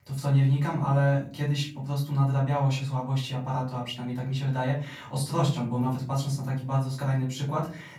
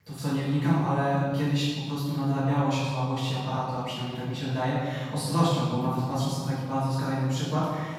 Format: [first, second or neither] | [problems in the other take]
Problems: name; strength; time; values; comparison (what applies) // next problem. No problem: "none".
first | room echo; strong; dies away in 1.2 s; slight in the first // off-mic speech; far; far in the first